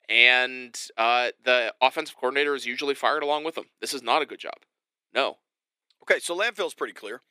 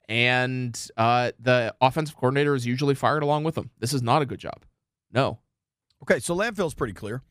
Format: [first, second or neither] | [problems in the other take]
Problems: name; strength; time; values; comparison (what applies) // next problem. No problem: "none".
second | thin; somewhat; fading below 350 Hz